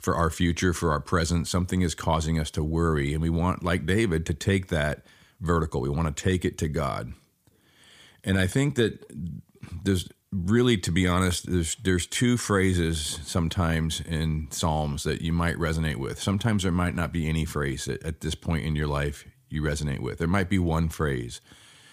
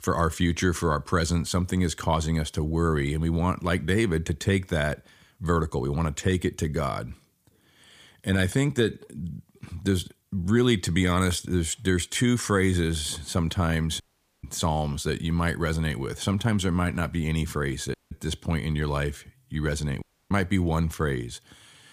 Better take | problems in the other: first | audio cutting out; at 14 s, at 18 s and at 20 s

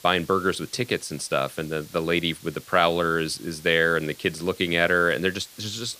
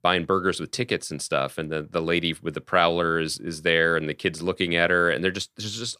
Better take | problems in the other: second | hiss; faint; throughout; 20 dB below the speech

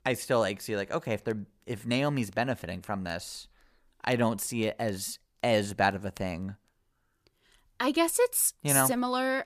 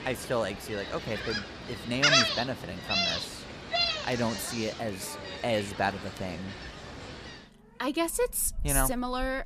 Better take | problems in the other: first | animal sounds; very loud; throughout; 1 dB above the speech

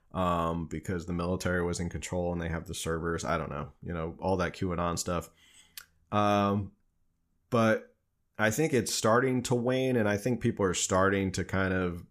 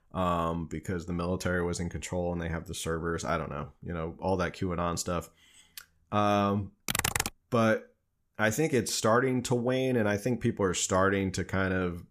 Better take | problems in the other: first | keyboard typing; loud; at 7 s; peak 2 dB above the speech

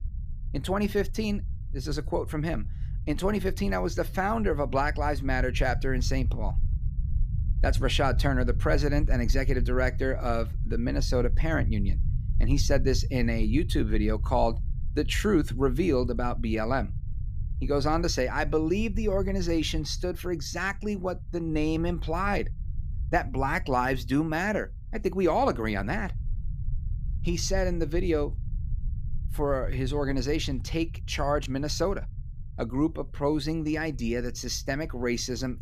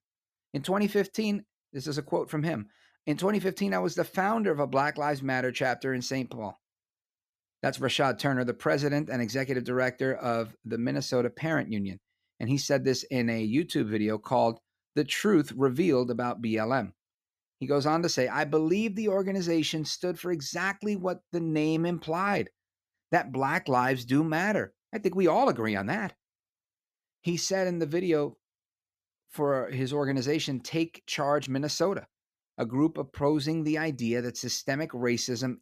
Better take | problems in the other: second | low rumble; faint; throughout; 20 dB below the speech

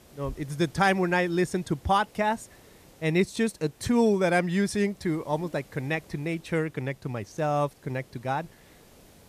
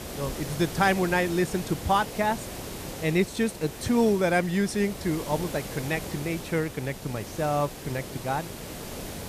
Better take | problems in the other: first | hiss; loud; throughout; 10 dB below the speech; faint in the first

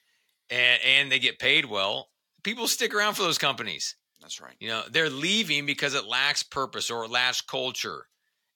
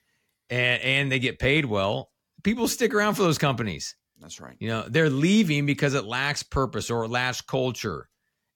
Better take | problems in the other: second | thin; somewhat; fading below 950 Hz

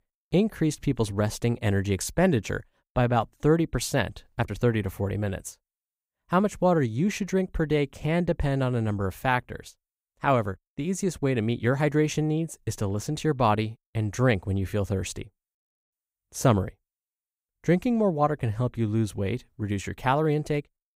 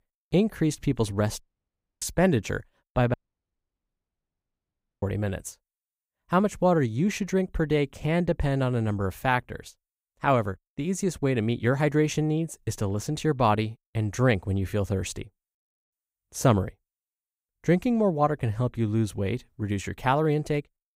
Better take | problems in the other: first | audio cutting out; at 1.5 s for 0.5 s and at 3 s for 2 s

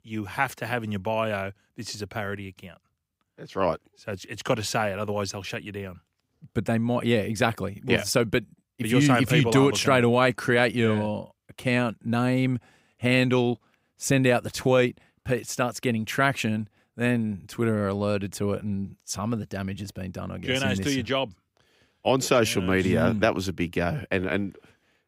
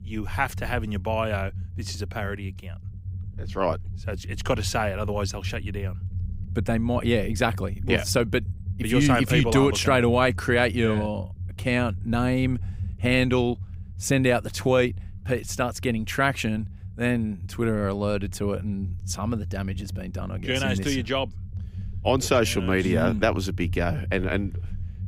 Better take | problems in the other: first | low rumble; faint; throughout; 25 dB below the speech

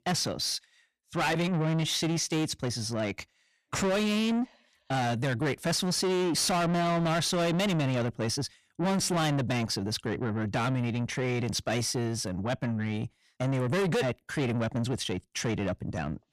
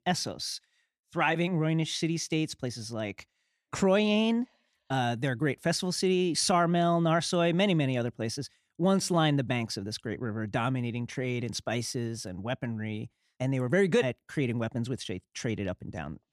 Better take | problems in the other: second | distortion; heavy; 7 dB below the speech

